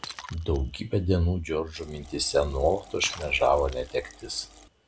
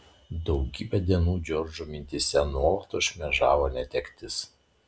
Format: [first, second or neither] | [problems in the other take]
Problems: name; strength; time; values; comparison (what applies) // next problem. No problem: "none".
second | background sound (Liquid + Shatter); 19 dB below the speech